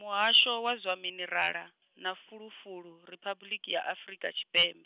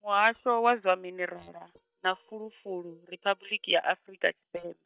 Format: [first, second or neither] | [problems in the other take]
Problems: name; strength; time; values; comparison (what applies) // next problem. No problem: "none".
first | noise reduction (neural mask model DeepFilterNet 3)